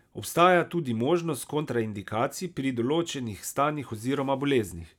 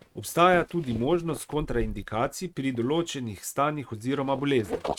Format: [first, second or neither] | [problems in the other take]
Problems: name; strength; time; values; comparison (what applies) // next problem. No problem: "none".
first | noise reduction (neural mask model RNNoise)